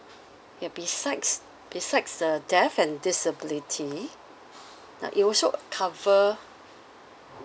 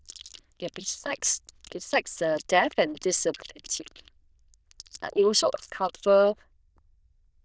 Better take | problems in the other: first | noise reduction (neural diffusion model UNIVERSE++)

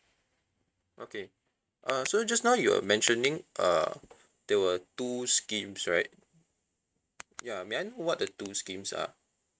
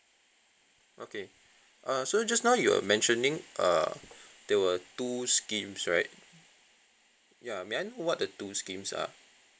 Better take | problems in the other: second | noise reduction (neural mask model RNNoise)

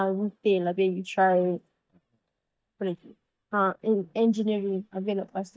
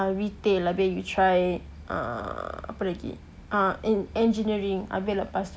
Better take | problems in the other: second | noise reduction (neural mask model DeepFilterNet 3)

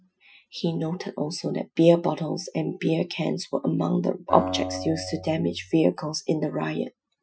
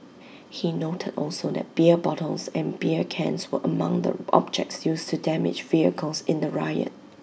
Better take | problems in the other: second | noise reduction (classical method Wiener filter)

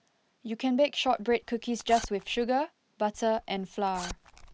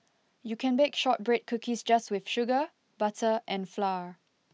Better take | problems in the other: second | background sound (Zipper (clothing)); 15 dB below the speech

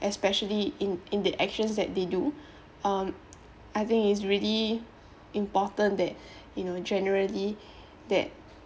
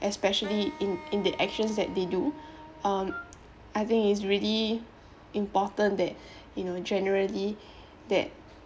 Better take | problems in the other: first | background sound (Wind instrument, woodwind instrument + Wind instrument, woodwind instrument); 15 dB below the speech

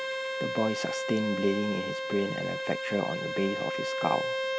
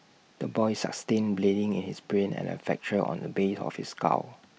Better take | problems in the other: second | background sound (Bowed string instrument); 1 dB below the speech

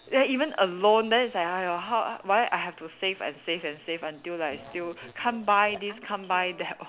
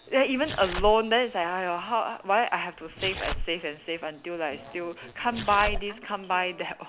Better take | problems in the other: first | background sound (Tearing); 9 dB below the speech

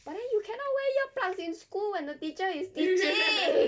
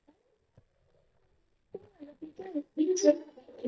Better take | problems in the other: first | noise reduction (neural mask model DeepFilterNet 3)

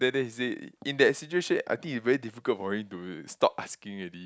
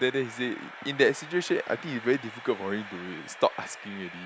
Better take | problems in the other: first | background sound (Train); 14 dB below the speech

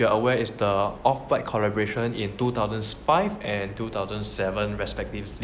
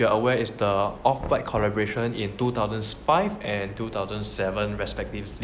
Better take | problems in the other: first | background sound (Knock); 17 dB below the speech

